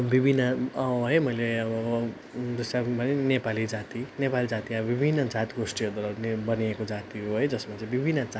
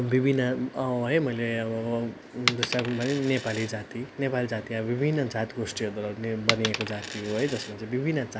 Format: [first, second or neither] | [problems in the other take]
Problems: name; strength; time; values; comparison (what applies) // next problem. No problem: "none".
first | background sound (Coin (dropping)); 9 dB below the speech